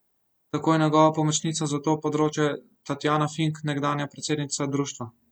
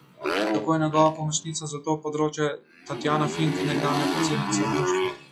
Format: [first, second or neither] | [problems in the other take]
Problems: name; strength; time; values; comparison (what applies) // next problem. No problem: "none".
first | noise reduction (classical method log-MMSE)